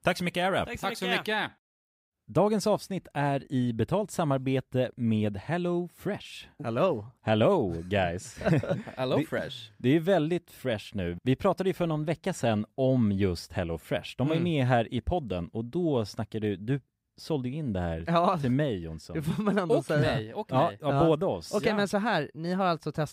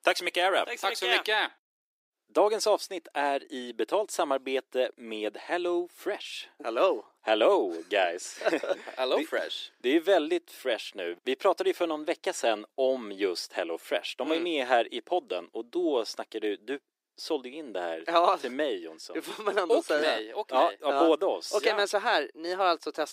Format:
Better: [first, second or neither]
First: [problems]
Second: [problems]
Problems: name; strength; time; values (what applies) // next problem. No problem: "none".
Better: first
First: none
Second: thin; very; fading below 350 Hz